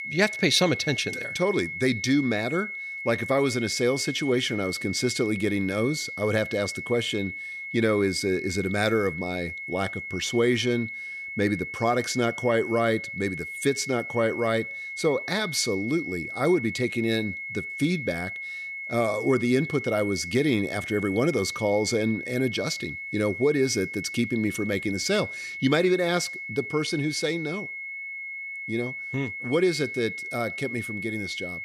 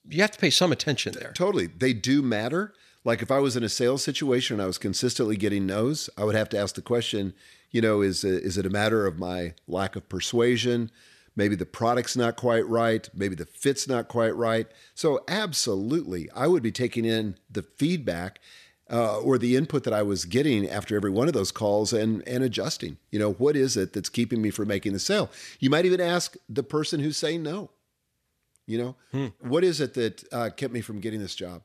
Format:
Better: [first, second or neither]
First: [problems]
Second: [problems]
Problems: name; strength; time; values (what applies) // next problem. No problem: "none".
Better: second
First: high-pitched whine; loud; throughout; 2 kHz, 7 dB below the speech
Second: none